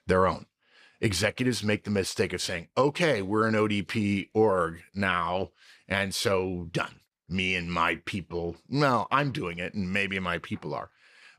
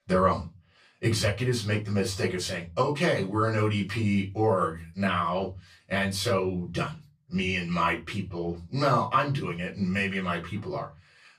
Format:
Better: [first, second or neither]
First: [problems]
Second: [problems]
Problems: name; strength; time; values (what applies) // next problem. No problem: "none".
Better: first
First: none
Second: off-mic speech; far // room echo; very slight; dies away in 0.3 s